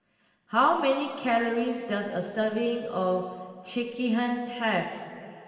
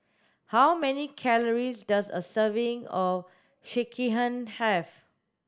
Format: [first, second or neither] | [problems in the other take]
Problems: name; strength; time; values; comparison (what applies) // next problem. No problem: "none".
second | room echo; dies away in 2.3 s